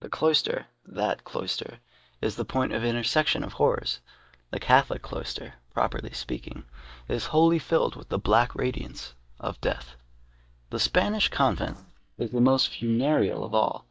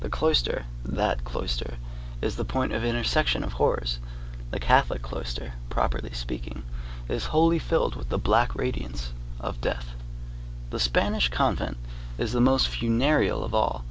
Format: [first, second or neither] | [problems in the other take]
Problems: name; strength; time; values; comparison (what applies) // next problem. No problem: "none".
second | noise reduction (neural mask model DeepFilterNet 3)